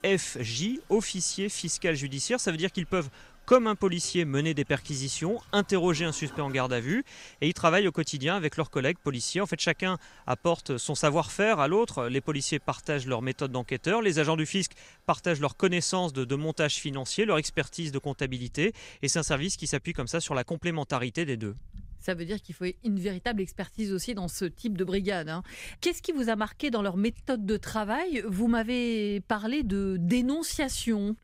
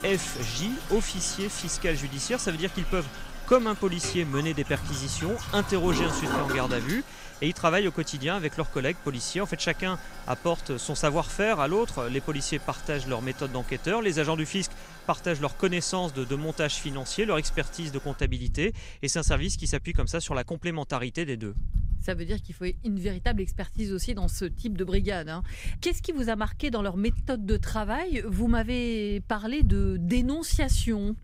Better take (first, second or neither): first